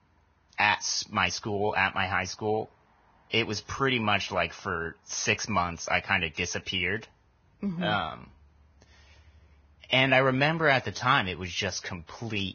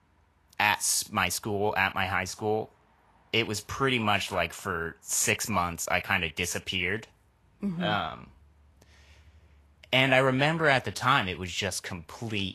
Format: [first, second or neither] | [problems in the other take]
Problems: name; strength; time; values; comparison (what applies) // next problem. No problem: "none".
second | garbled, watery; badly; nothing above 6.5 kHz; slightly in the second